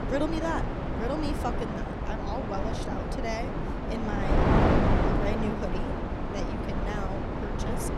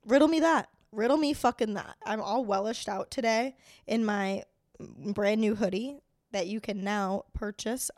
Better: second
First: wind noise on the microphone; heavy; 4 dB above the speech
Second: none

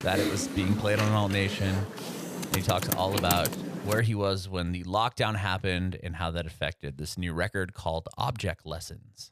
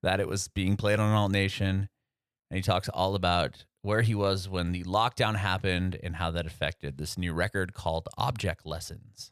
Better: second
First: keyboard typing; loud; until 4 s; peak 1 dB above the speech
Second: none

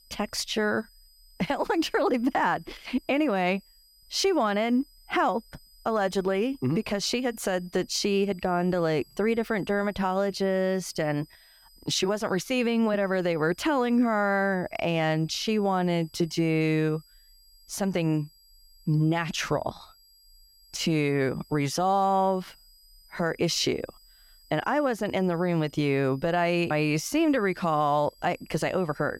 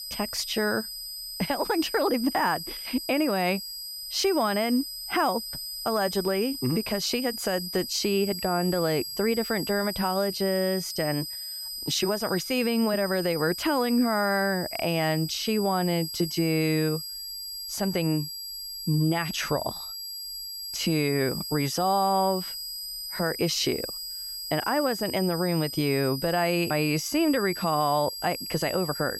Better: first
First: high-pitched whine; faint; throughout; 5 kHz, 30 dB below the speech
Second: high-pitched whine; loud; throughout; 5 kHz, 7 dB below the speech

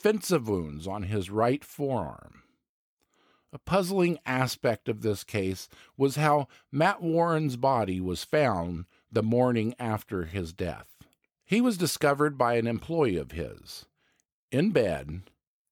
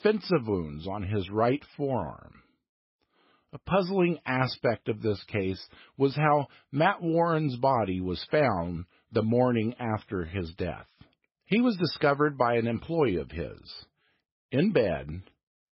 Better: first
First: none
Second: garbled, watery; badly; nothing above 5.5 kHz

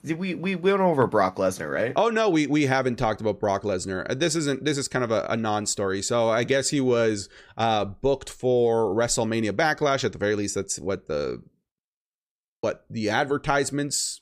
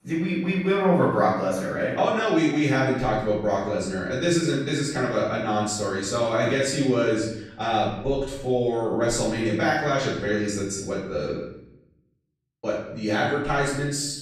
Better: first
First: none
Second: room echo; noticeable; dies away in 0.8 s // off-mic speech; far

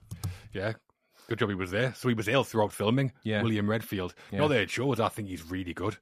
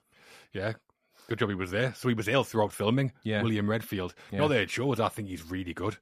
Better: second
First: keyboard typing; noticeable; at the start; peak 10 dB below the speech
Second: none

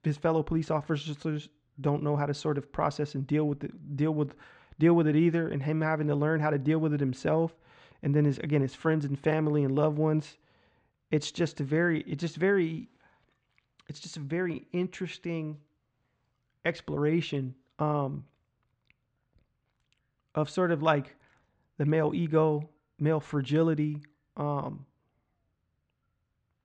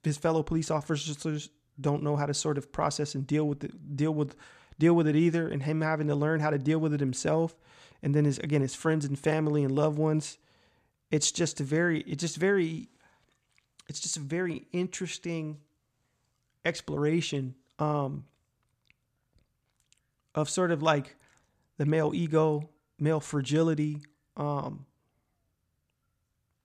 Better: second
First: muffled; slightly; fading above 3 kHz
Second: none

